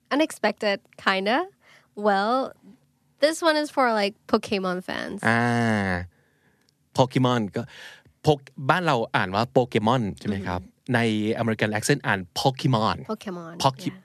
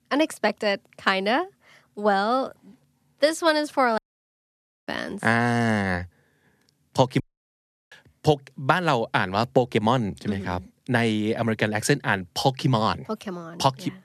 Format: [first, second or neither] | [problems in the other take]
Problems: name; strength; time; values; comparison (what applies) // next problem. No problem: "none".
first | audio cutting out; at 4 s for 1 s and at 7 s for 0.5 s